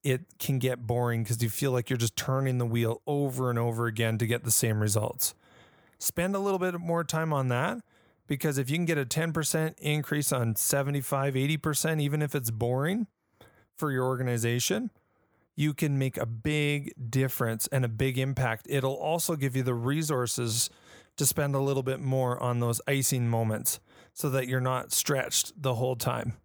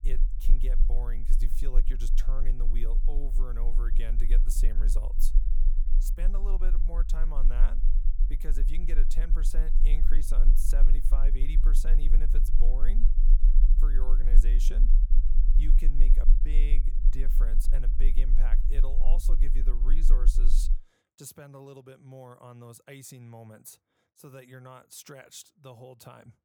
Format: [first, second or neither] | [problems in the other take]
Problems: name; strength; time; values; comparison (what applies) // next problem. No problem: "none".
first | low rumble; loud; until 21 s; 9 dB below the speech